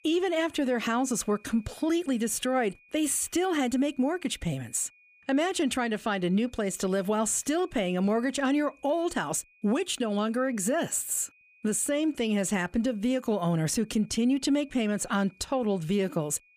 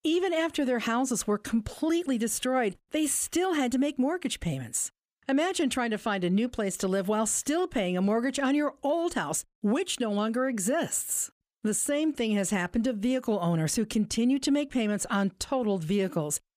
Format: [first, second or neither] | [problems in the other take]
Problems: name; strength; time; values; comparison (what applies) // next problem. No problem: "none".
second | high-pitched whine; faint; throughout; 2.5 kHz, 30 dB below the speech